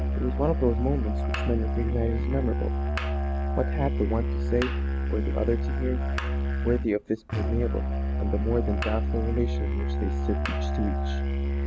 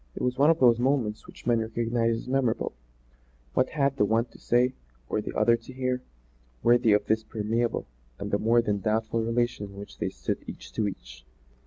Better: second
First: background sound (Musical instrument); 4 dB above the speech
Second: none

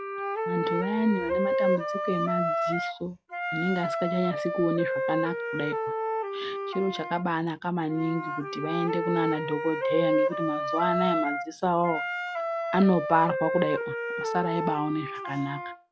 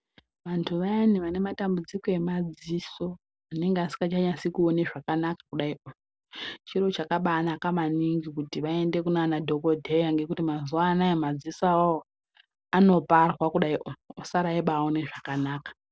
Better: second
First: noise reduction (classical method log-MMSE)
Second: none

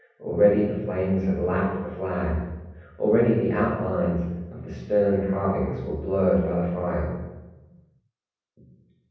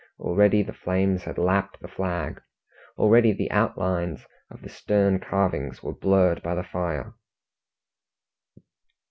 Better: second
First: room echo; dies away in 1.1 s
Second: none

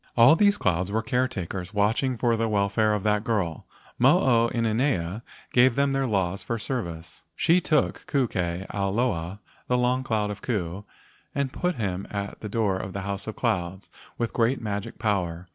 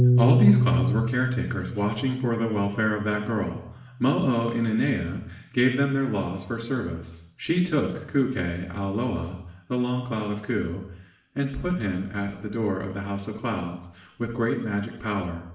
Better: first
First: none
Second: background sound (Piano); 4 dB below the speech // room echo; dies away in 0.8 s

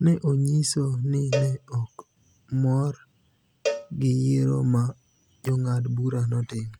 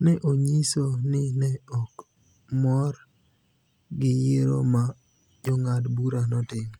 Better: second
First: background sound (Cowbell); 11 dB below the speech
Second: none

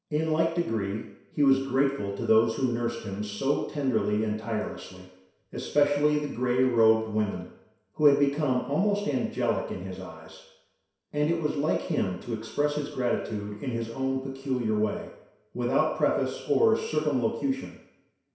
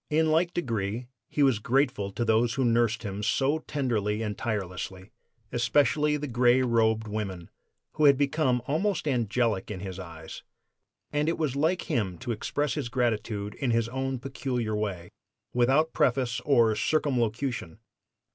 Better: second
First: room echo; dies away in 0.7 s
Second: none

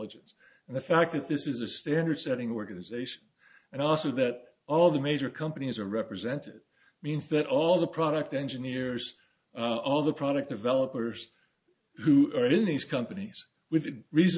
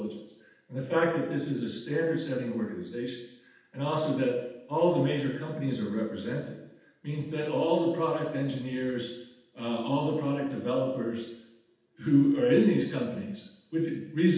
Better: first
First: none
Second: room echo; dies away in 0.8 s

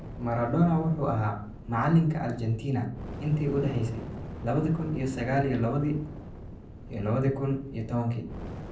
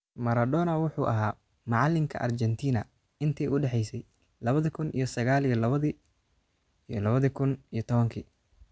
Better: second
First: background sound (Fire); 12 dB below the speech // room echo; dies away in 0.6 s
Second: none

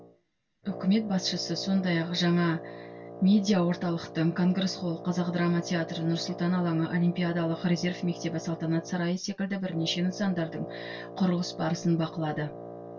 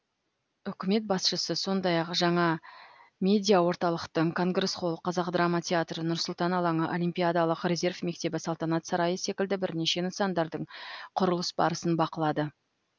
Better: second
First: background sound (Wind instrument, woodwind instrument); 13 dB below the speech // room echo; dies away in 0.1 s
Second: none

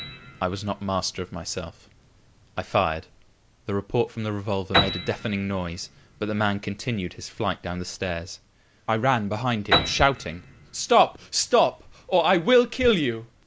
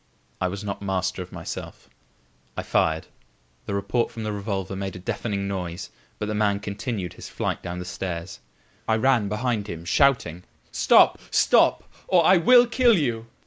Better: second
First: background sound (Piano); 9 dB below the speech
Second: none

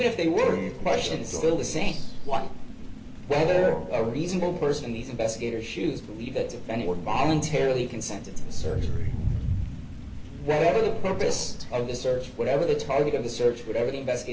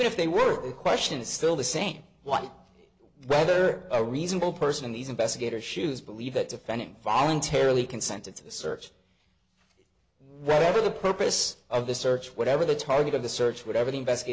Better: second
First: background sound (Crow); 4 dB below the speech // room echo; dies away in 0.3 s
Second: none

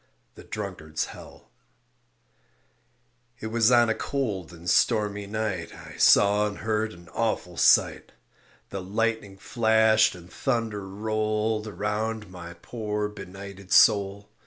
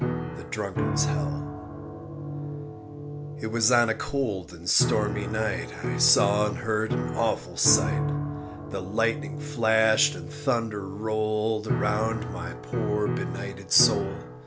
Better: first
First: none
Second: background sound (Piano); 3 dB below the speech

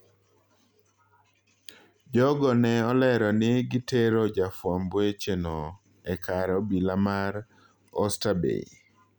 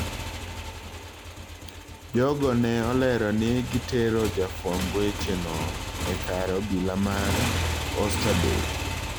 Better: first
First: none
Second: background sound (Motorcycle); 3 dB below the speech

